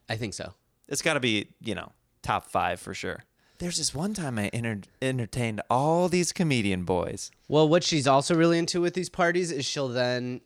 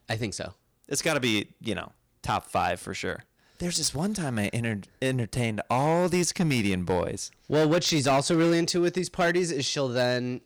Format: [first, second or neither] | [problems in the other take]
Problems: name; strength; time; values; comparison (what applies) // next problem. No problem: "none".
first | distortion; slight; 6% of the sound clipped